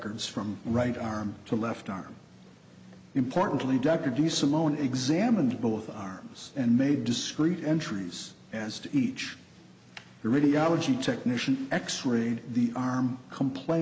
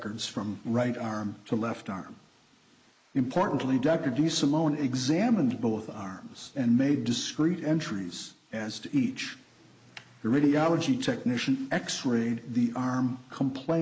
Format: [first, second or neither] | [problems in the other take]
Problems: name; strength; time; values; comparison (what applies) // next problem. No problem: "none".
first | noise reduction (neural mask model Resemble Enhance denoiser)